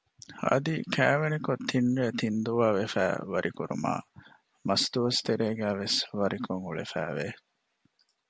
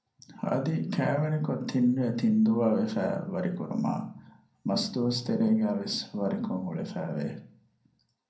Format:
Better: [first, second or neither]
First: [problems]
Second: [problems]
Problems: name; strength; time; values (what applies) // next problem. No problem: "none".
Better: first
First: none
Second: room echo; dies away in 0.6 s